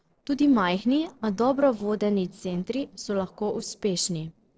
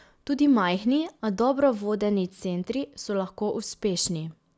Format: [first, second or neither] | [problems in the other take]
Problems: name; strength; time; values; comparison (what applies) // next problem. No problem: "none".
second | noise reduction (neural separator model SepFormer DNS4)